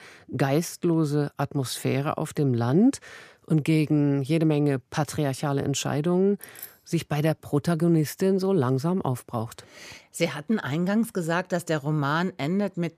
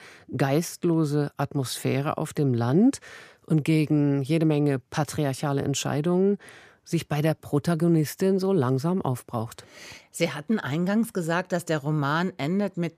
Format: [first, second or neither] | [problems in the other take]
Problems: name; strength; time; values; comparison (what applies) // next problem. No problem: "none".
second | jangling keys; faint; at 6.5 s; peak 15 dB below the speech